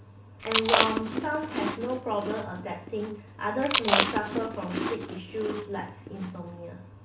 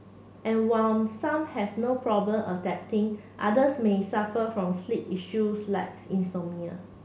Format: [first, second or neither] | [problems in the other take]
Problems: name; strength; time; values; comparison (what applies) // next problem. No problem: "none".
second | background sound (Chewing, mastication); 1 dB above the speech // room echo; dies away in 0.2 s